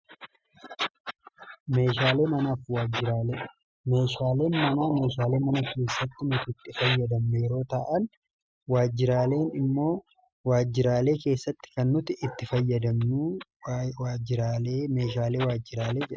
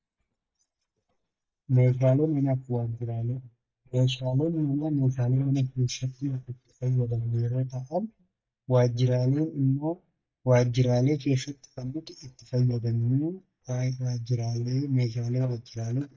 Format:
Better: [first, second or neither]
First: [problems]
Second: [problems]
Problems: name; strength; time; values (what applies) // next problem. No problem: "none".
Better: first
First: none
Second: noise reduction (neural mask model DeepFilterNet 3)